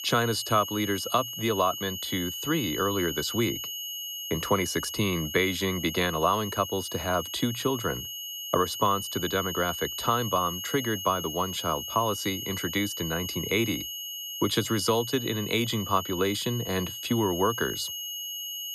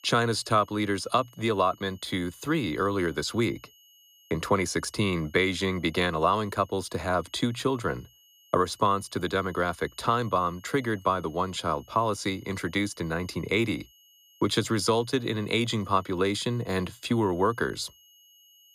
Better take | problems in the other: second | high-pitched whine; loud; throughout; 3 kHz, 6 dB below the speech; faint in the second

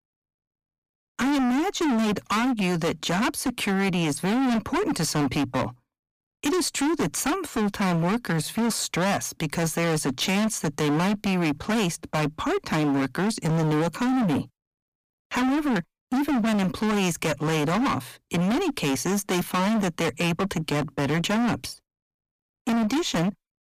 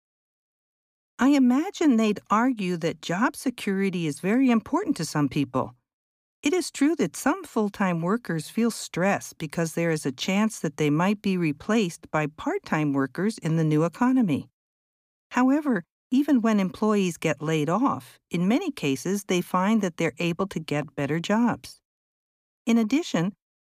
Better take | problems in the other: second | distortion; heavy; 32% of the sound clipped

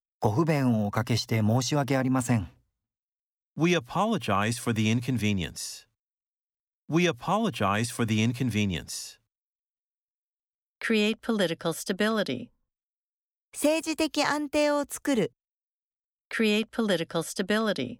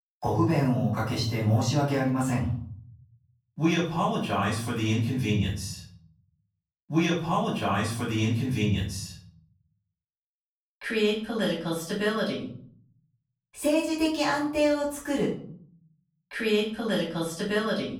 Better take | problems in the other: first | off-mic speech; far // room echo; slight; dies away in 0.6 s

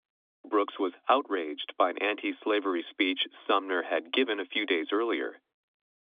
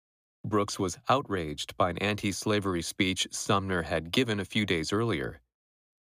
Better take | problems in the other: second | phone-call audio; nothing above 3.5 kHz

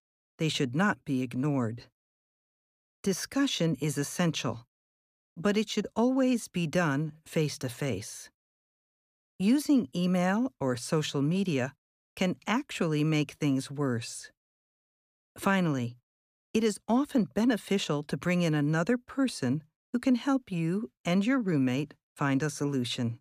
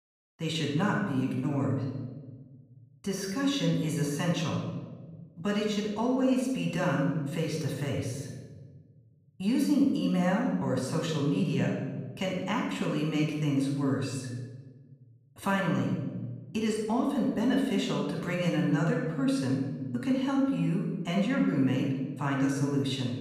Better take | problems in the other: first | off-mic speech; somewhat distant // room echo; noticeable; dies away in 1.2 s

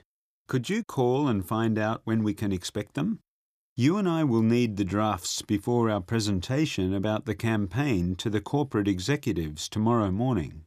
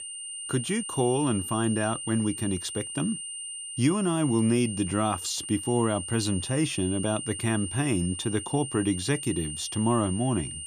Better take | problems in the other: first | high-pitched whine; loud; throughout; 9 kHz, 7 dB below the speech

